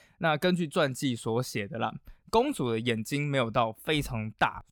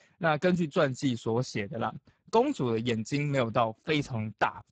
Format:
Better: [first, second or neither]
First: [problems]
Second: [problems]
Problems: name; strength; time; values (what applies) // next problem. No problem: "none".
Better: first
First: none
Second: garbled, watery; badly; nothing above 7.5 kHz